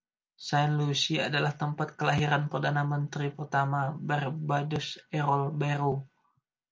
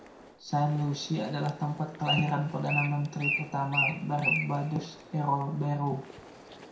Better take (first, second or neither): first